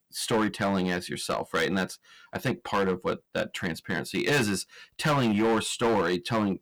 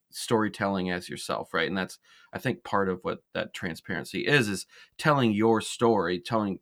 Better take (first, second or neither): second